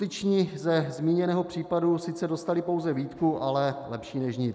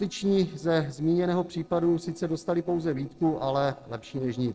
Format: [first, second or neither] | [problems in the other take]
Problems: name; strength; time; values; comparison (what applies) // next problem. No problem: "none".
first | noise reduction (neural separator model SepFormer DNS4)